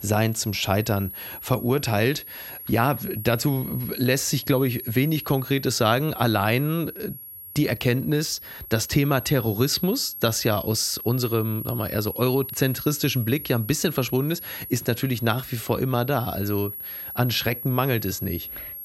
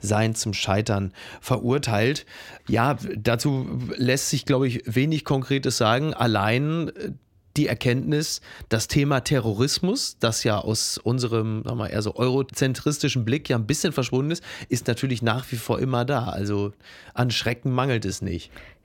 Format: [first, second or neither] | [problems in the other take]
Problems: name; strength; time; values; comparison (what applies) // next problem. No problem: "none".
second | high-pitched whine; noticeable; throughout; 11.5 kHz, 10 dB below the speech